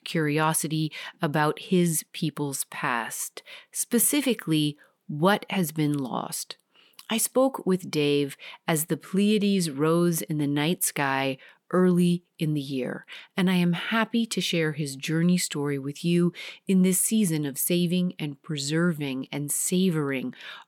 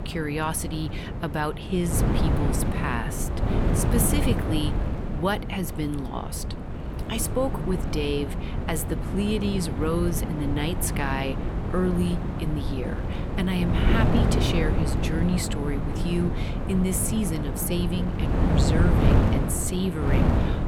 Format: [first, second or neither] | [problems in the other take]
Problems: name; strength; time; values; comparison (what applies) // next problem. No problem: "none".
first | wind noise on the microphone; heavy; 2 dB below the speech